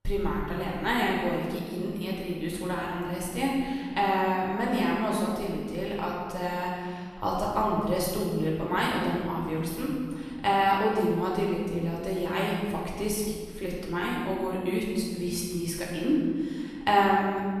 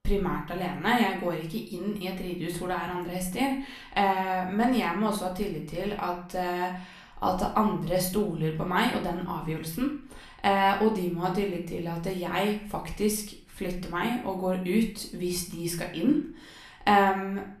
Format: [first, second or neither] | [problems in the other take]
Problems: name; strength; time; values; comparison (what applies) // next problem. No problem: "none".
second | room echo; strong; dies away in 1.8 s; slight in the second // off-mic speech; far; somewhat distant in the second